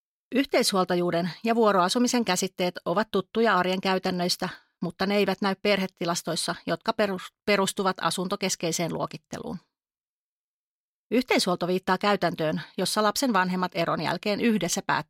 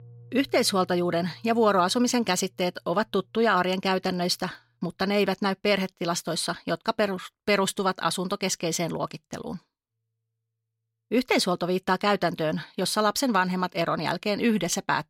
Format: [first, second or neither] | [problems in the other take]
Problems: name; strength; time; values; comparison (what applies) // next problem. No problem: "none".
first | background music; faint; throughout; 30 dB below the speech